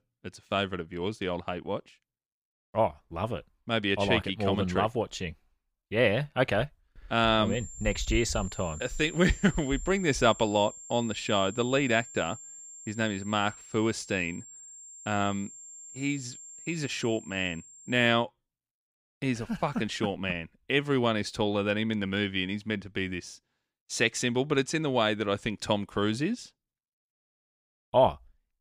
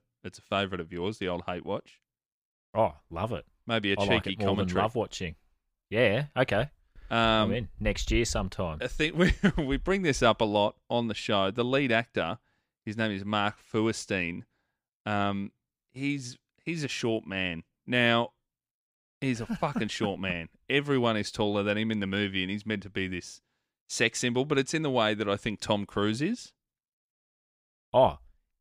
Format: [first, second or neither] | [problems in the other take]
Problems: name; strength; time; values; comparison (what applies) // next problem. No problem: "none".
second | high-pitched whine; noticeable; from 7.5 to 18 s; 7.5 kHz, 15 dB below the speech